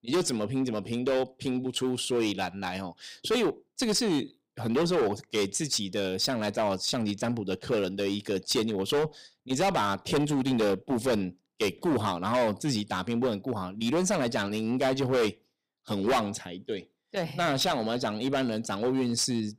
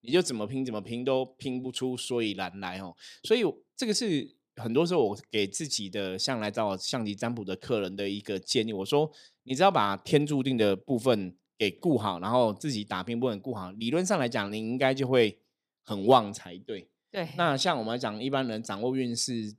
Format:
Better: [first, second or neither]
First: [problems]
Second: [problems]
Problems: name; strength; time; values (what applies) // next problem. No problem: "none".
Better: second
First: distortion; heavy; 10% of the sound clipped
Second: none